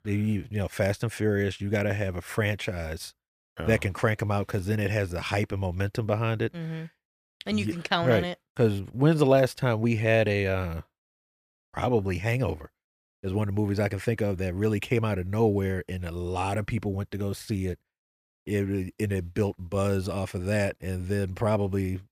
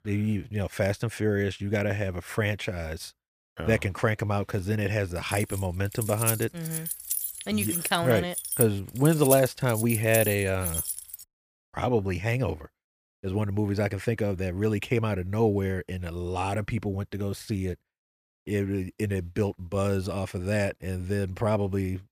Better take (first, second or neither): first